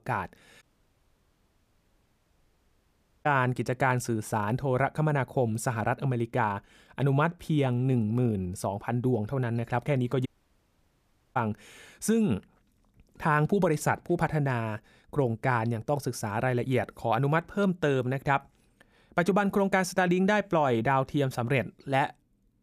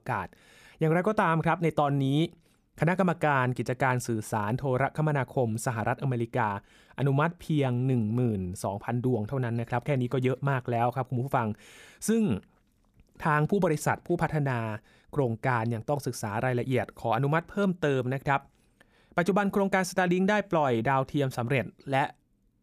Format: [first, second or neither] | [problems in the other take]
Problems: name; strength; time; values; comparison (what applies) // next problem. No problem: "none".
second | audio cutting out; at 0.5 s for 2.5 s and at 10 s for 1 s